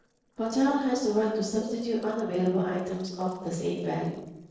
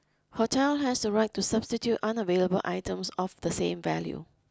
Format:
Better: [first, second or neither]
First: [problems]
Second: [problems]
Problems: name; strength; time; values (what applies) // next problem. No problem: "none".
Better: second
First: noise reduction (neural separator model SepFormer DNS4)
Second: none